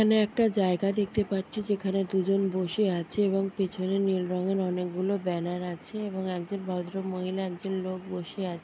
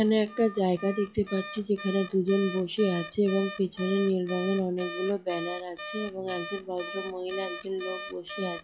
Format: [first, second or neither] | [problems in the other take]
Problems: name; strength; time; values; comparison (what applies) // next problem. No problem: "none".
first | noise reduction (classical method log-MMSE)